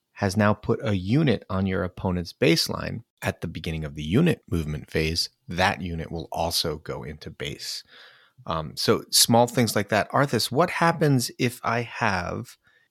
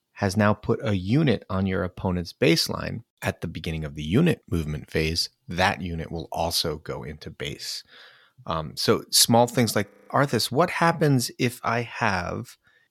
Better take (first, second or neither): first